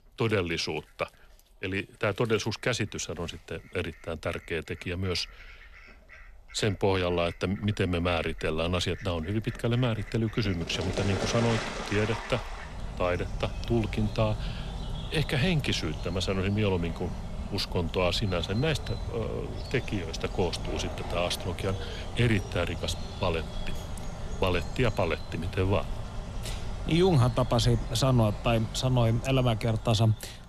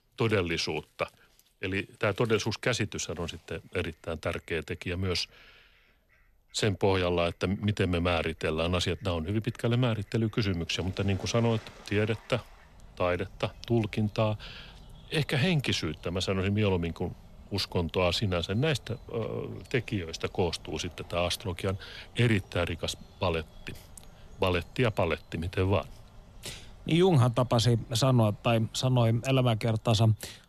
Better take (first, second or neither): second